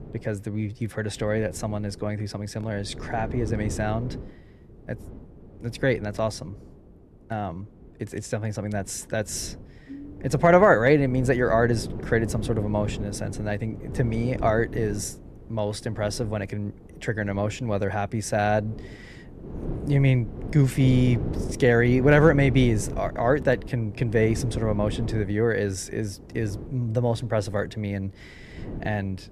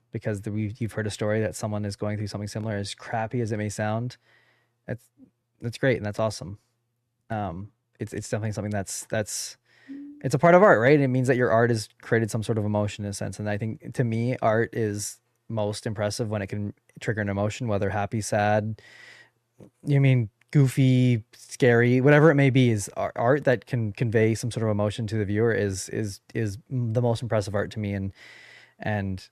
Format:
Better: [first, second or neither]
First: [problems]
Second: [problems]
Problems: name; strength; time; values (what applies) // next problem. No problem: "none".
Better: second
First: wind noise on the microphone; occasional gusts; 15 dB below the speech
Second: none